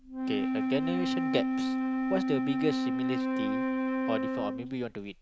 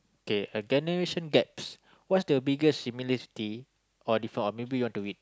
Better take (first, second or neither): second